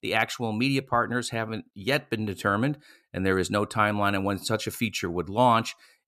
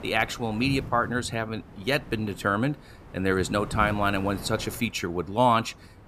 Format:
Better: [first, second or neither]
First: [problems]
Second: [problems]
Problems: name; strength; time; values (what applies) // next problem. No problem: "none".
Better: first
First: none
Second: wind noise on the microphone; occasional gusts; 20 dB below the speech